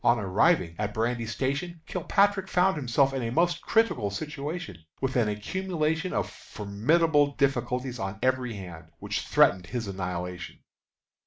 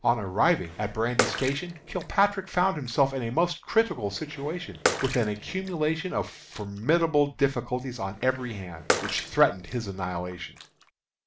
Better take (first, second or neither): first